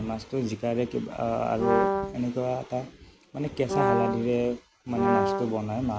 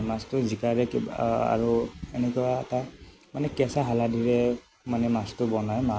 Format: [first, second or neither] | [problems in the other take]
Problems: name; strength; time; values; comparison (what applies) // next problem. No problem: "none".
second | background sound (Brass instrument); 2 dB above the speech